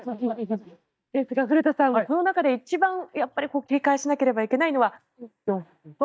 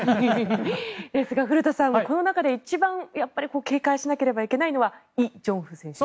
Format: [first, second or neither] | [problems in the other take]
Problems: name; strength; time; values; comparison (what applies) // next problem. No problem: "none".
second | noise reduction (neural mask model DeepFilterNet 3)